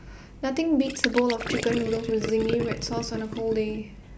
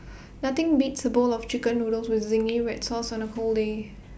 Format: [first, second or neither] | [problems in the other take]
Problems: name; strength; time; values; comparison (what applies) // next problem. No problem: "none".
second | background sound (Gurgling); 6 dB below the speech